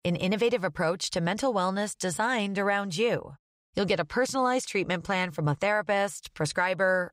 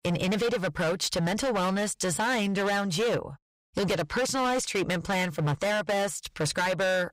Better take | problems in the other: first | distortion; heavy; 23% of the sound clipped

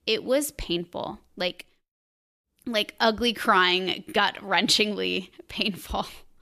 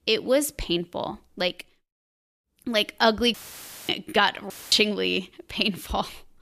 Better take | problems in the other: first | audio cutting out; filled with static; at 3.5 s for 0.5 s and at 4.5 s

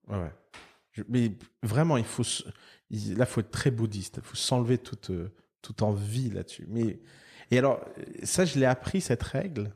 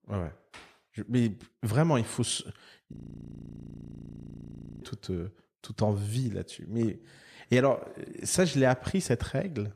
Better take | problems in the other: first | audio freezing; at 3 s for 2 s

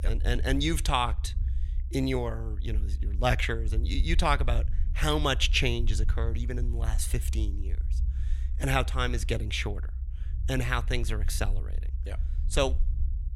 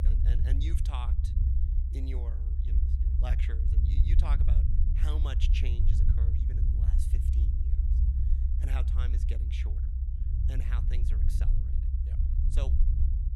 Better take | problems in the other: first | low rumble; loud; throughout; 2 dB below the speech; faint in the first

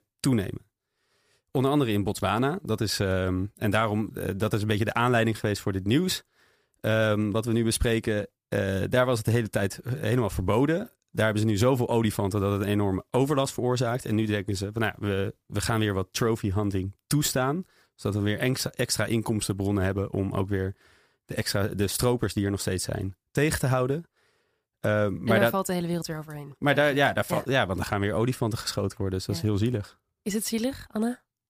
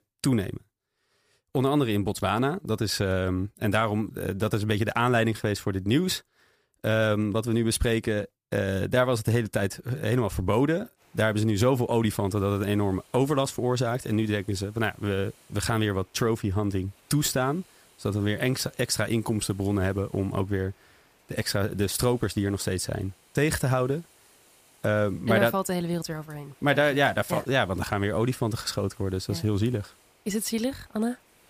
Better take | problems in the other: first | hiss; faint; from 11 s on; 30 dB below the speech

